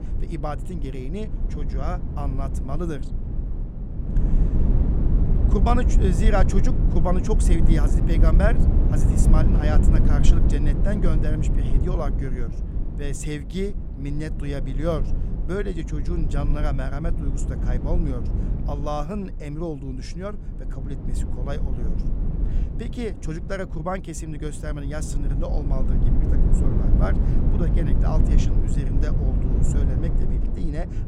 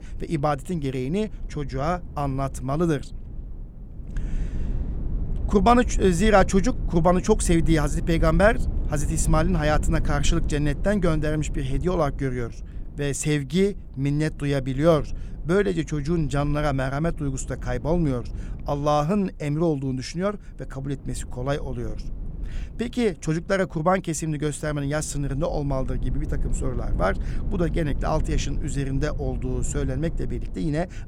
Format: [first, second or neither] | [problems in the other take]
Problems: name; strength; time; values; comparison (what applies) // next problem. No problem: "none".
second | low rumble; loud; throughout; 4 dB below the speech; faint in the second